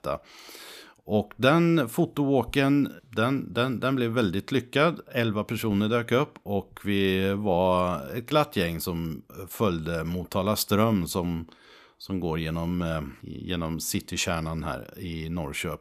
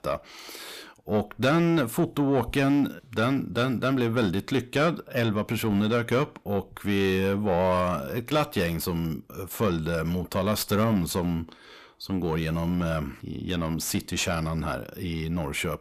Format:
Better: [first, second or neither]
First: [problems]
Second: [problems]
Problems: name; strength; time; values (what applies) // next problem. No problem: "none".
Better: first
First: none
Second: distortion; slight; 9 dB below the speech